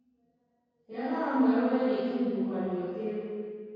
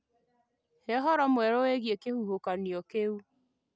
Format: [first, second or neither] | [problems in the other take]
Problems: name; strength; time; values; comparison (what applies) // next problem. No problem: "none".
second | room echo; dies away in 2 s